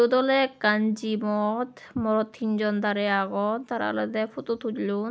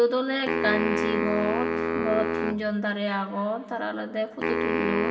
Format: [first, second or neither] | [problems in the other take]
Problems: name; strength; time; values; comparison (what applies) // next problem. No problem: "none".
first | background sound (Wind instrument, woodwind instrument); 1 dB below the speech // room echo; dies away in 2.6 s